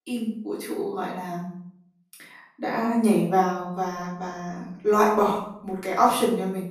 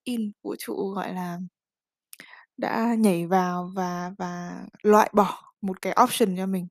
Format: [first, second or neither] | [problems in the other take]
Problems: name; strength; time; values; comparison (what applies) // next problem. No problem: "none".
second | off-mic speech; far // room echo; noticeable; dies away in 0.6 s